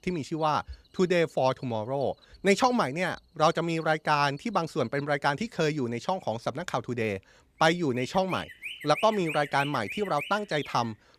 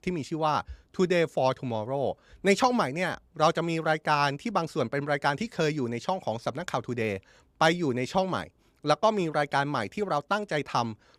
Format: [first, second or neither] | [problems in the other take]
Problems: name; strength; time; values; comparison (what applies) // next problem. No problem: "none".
second | animal sounds; noticeable; throughout; 10 dB below the speech